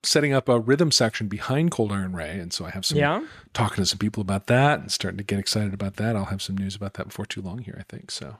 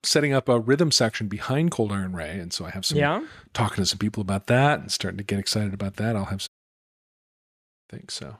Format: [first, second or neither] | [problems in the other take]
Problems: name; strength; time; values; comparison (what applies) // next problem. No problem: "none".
first | audio cutting out; at 6.5 s for 1.5 s